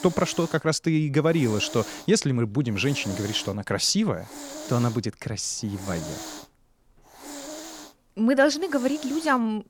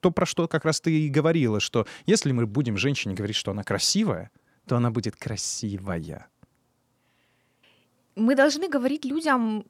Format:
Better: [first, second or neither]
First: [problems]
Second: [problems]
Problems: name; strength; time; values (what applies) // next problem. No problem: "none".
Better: second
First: hiss; noticeable; throughout; 15 dB below the speech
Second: none